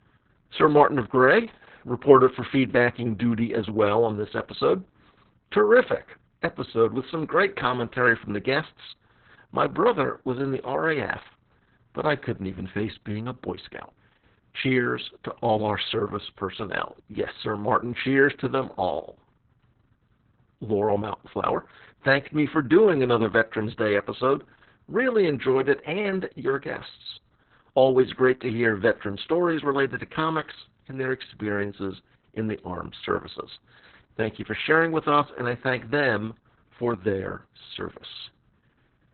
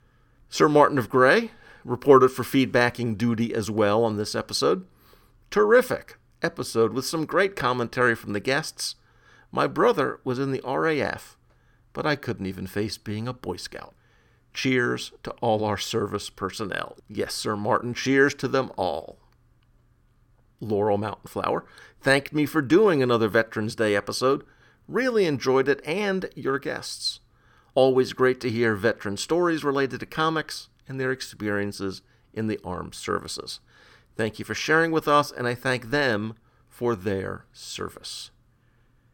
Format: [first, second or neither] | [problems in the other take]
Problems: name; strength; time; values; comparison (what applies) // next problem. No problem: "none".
second | garbled, watery; badly; nothing above 4 kHz